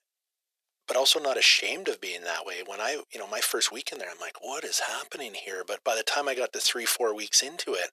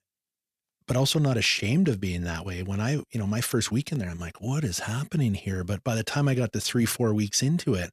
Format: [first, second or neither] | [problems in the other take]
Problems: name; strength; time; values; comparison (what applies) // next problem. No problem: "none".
second | thin; very; fading below 450 Hz